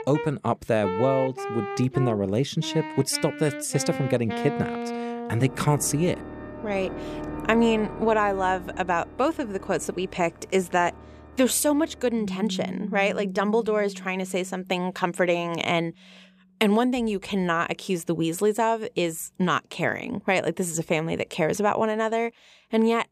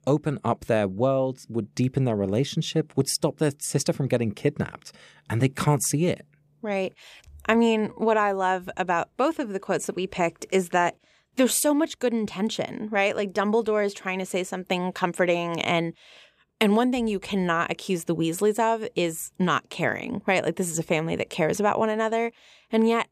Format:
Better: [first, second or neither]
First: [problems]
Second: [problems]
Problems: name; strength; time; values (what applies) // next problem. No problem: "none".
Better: second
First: background music; loud; throughout; 10 dB below the speech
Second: none